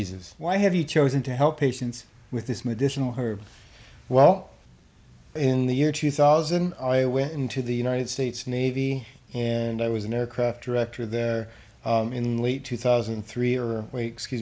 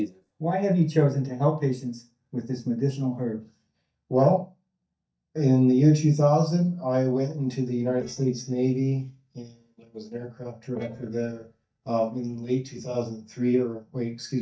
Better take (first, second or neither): first